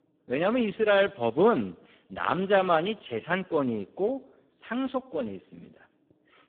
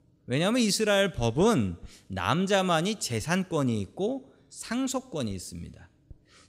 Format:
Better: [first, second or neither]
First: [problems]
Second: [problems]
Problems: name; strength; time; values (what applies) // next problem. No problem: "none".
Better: second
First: phone-call audio; poor line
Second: none